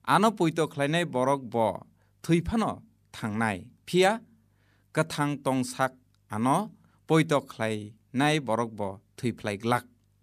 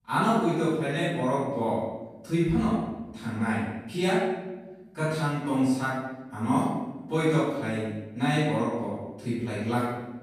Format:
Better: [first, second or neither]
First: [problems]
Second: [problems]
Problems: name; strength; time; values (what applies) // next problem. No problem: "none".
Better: first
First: none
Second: off-mic speech; far // room echo; strong; dies away in 1 s